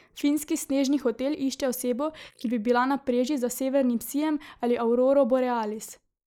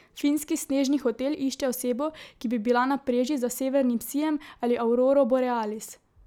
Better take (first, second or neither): second